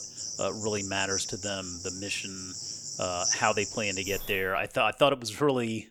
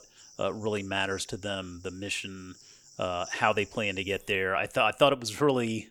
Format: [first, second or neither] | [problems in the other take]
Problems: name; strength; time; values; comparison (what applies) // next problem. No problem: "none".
second | animal sounds; loud; until 4.5 s; 4 dB below the speech; faint in the second